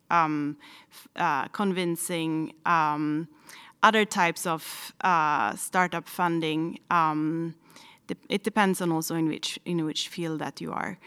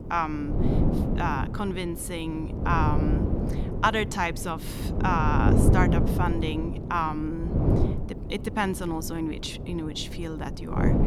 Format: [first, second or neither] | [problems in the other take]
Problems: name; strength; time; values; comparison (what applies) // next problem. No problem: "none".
first | wind noise on the microphone; heavy; 6 dB below the speech